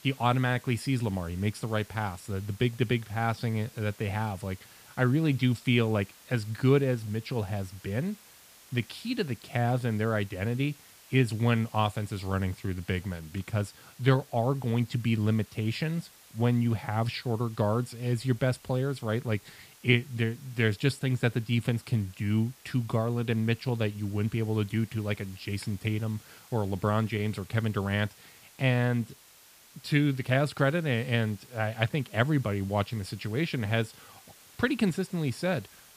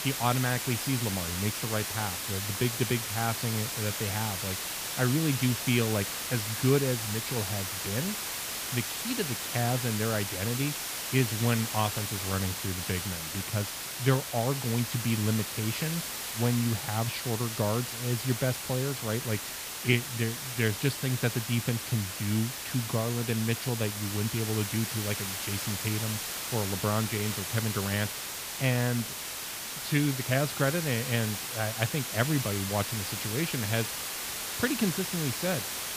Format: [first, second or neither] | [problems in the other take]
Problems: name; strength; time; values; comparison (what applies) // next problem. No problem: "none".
first | hiss; loud; throughout; 2 dB below the speech; faint in the first